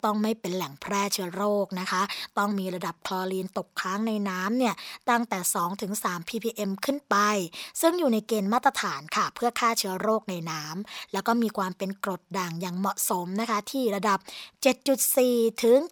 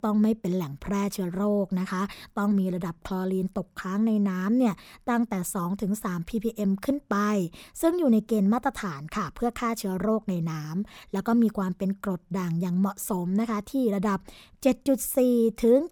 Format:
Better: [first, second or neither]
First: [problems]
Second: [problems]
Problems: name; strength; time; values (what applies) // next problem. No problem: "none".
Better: second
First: thin; somewhat; fading below 750 Hz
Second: none